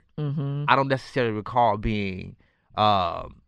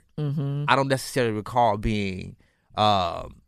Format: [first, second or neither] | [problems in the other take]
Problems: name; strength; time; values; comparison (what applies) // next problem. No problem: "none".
second | muffled; very slightly; fading above 3 kHz